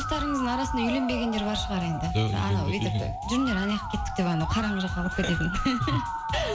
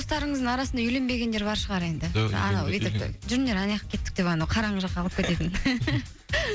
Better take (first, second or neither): second